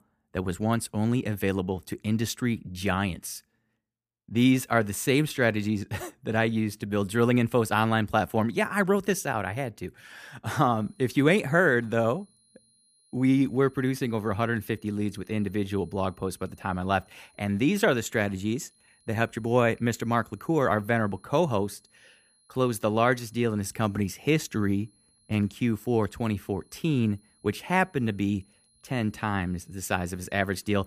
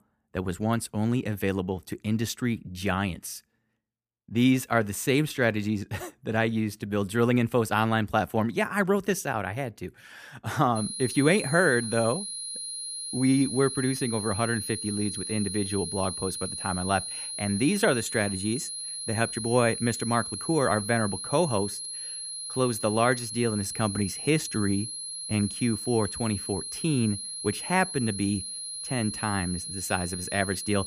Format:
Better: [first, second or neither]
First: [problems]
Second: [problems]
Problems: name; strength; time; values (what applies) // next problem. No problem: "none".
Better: first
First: high-pitched whine; faint; from 11 s on; 10.5 kHz, 35 dB below the speech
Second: high-pitched whine; loud; from 11 s on; 10.5 kHz, 6 dB below the speech